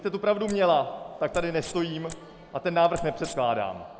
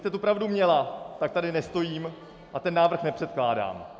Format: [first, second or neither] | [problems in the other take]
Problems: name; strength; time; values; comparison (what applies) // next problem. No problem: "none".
second | background sound (Wild animals); 16 dB below the speech